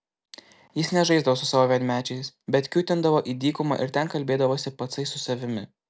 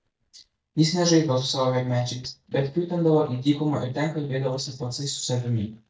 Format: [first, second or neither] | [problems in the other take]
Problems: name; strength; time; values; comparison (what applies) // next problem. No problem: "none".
first | noise reduction (neural mask model DeepFilterNet 3)